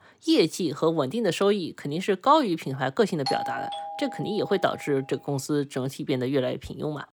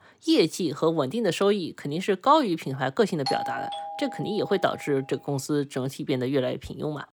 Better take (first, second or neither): neither